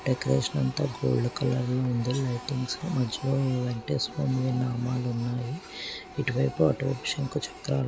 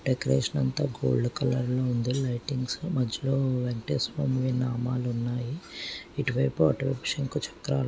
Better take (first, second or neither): second